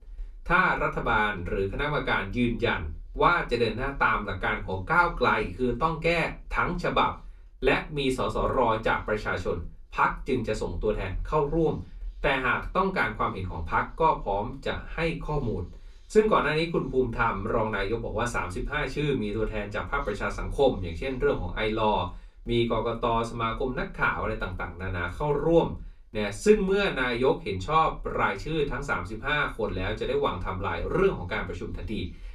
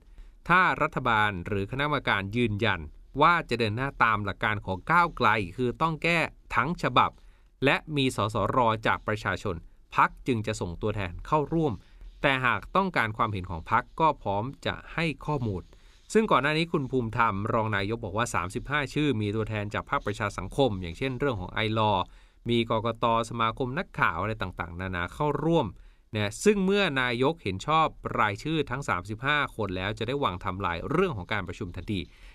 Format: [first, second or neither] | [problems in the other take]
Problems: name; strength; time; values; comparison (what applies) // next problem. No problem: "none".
second | off-mic speech; far // room echo; very slight; dies away in 0.2 s